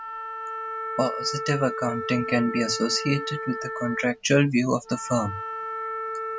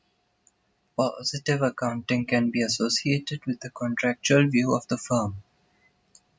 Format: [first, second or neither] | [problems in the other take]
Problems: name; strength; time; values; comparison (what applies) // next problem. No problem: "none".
second | background sound (Wind instrument, woodwind instrument); 6 dB below the speech